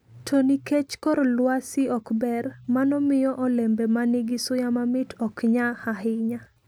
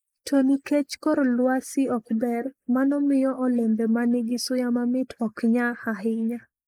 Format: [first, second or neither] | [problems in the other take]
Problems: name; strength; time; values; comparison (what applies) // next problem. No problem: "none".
first | noise reduction (neural mask model Resemble Enhance denoiser)